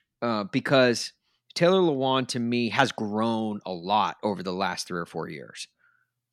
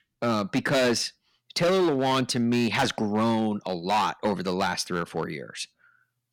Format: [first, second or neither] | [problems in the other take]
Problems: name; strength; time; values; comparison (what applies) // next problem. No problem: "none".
first | distortion; heavy; 9% of the sound clipped